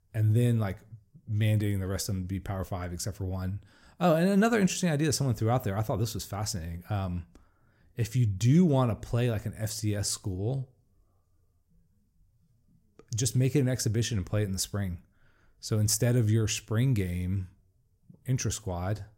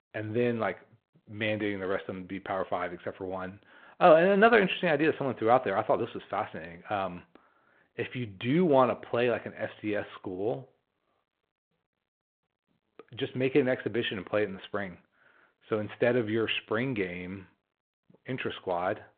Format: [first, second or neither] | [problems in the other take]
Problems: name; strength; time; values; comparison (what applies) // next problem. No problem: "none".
first | phone-call audio